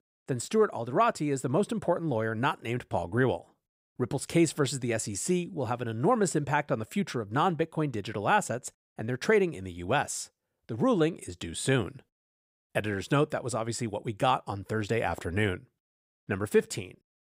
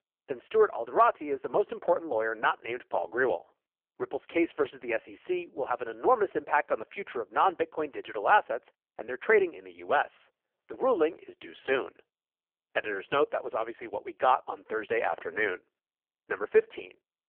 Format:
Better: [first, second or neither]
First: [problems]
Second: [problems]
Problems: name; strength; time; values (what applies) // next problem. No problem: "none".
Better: first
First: none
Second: phone-call audio; poor line